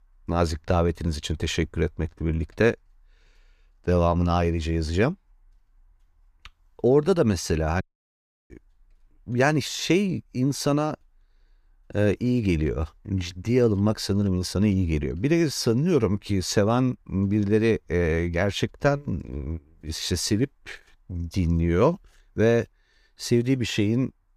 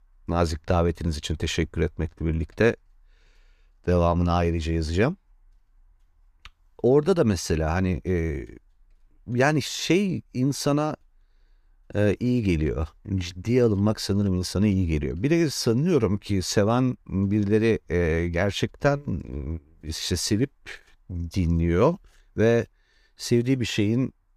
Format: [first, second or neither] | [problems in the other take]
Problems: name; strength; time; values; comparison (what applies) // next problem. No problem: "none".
second | audio cutting out; at 8 s for 0.5 s